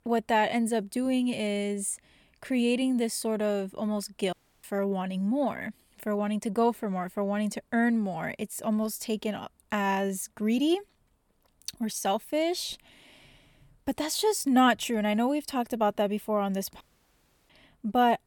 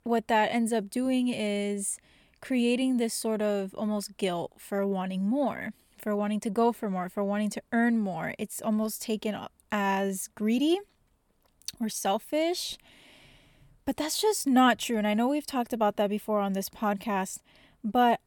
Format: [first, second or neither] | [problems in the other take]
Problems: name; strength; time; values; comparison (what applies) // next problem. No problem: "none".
second | audio cutting out; at 4.5 s and at 17 s for 0.5 s